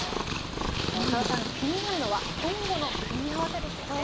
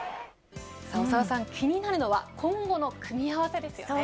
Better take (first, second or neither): second